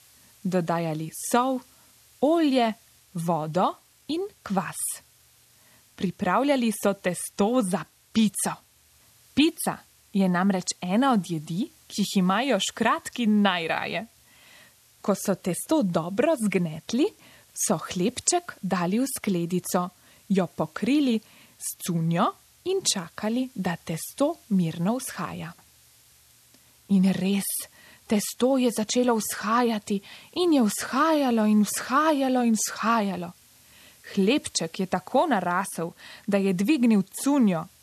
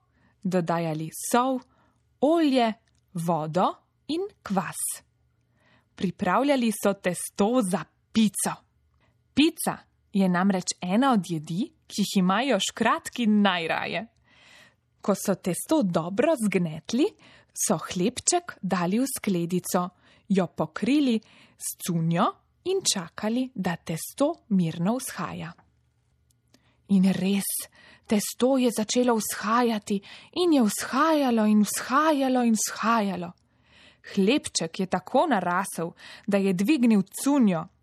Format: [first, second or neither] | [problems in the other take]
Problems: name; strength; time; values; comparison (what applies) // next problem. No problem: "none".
second | hiss; faint; throughout; 30 dB below the speech